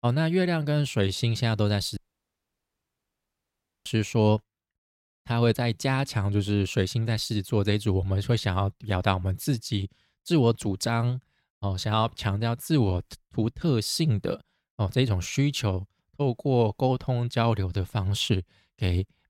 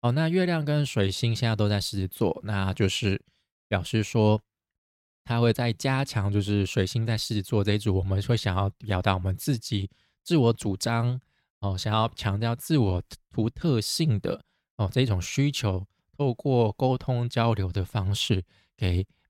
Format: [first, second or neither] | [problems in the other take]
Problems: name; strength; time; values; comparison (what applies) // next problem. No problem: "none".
second | audio cutting out; at 2 s for 2 s